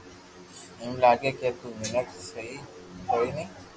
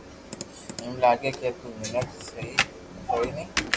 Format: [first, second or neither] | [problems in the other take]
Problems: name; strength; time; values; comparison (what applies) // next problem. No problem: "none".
first | background sound (Computer keyboard); 4 dB below the speech